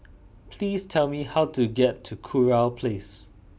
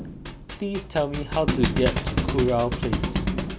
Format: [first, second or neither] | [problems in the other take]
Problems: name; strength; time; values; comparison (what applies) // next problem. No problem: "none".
first | background sound (Thump, thud); as loud as the speech